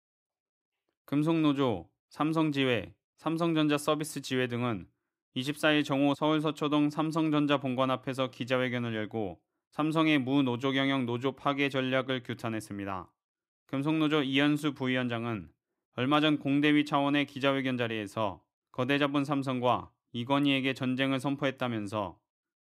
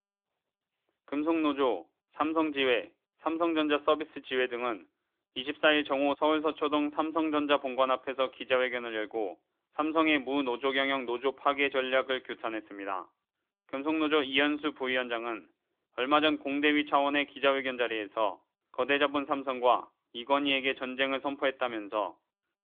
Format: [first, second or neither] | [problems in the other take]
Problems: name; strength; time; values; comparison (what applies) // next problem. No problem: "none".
first | phone-call audio; nothing above 3.5 kHz